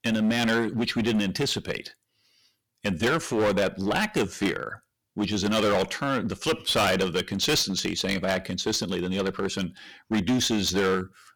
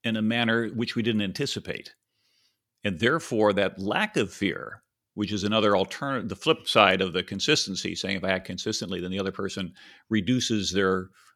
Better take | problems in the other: second | distortion; heavy; 11% of the sound clipped

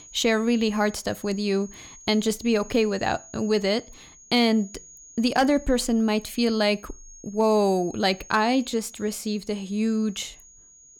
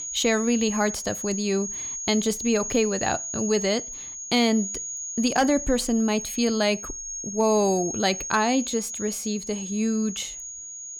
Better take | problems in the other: first | high-pitched whine; loud; throughout; 6.5 kHz, 6 dB below the speech; faint in the first

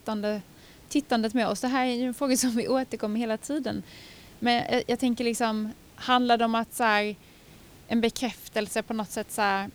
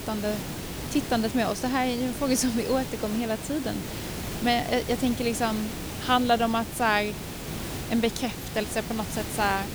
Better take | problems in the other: first | hiss; loud; throughout; 7 dB below the speech; faint in the first

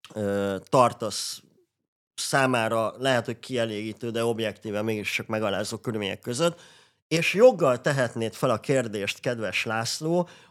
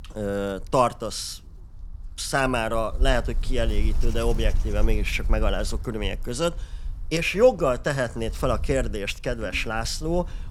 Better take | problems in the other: first | wind noise on the microphone; occasional gusts; 25 dB below the speech

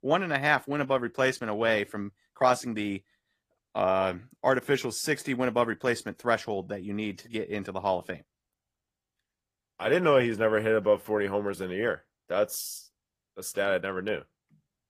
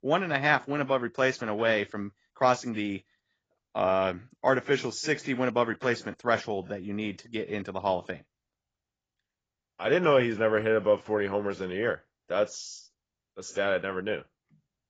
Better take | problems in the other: first | garbled, watery; badly; nothing above 7.5 kHz; slightly in the first

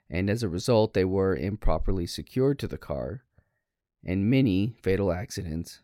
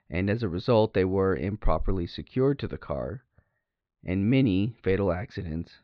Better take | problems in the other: first | muffled; slightly; fading above 4 kHz

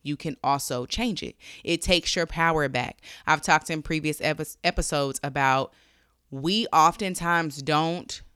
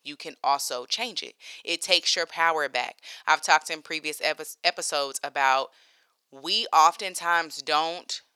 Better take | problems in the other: first | thin; very; fading below 650 Hz

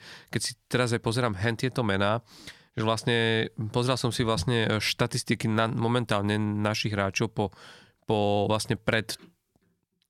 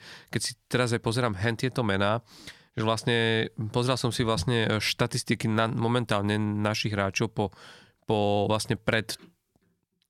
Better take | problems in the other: neither | none

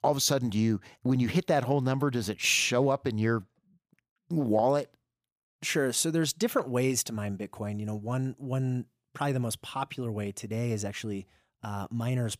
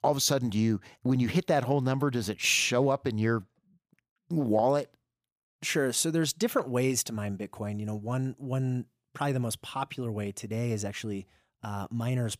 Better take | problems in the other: neither | none

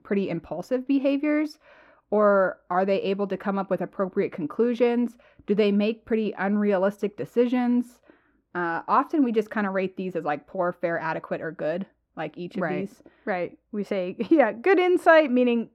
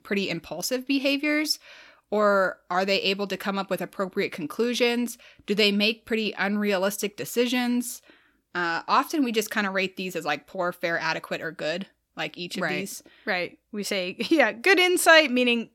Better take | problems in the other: second | muffled; very; fading above 2.5 kHz

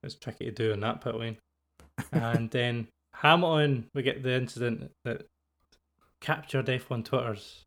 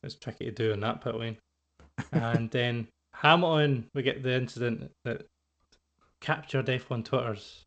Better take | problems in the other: first | garbled, watery; slightly; nothing above 7.5 kHz

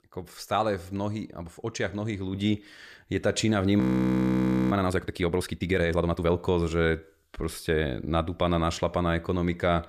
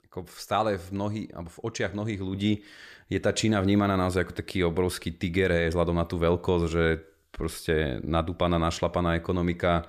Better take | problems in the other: second | audio freezing; at 4 s for 1 s

